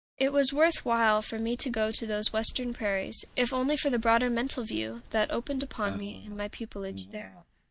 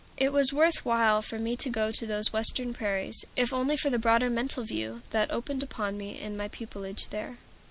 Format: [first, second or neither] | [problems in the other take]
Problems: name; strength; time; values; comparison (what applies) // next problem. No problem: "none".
second | noise reduction (neural mask model DeepFilterNet 3)